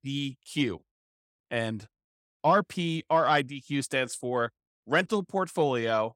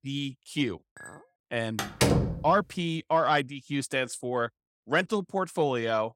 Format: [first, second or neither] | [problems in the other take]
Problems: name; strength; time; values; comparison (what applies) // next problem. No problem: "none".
first | clattering dishes; faint; at 1 s; peak 15 dB below the speech // door banging; loud; at 2 s; peak 4 dB above the speech